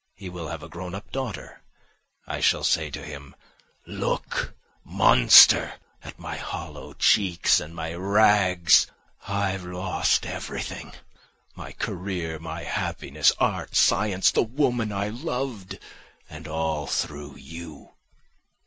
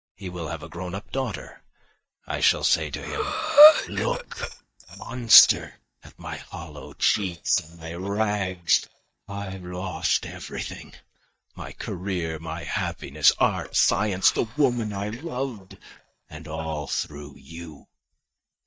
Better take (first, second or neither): first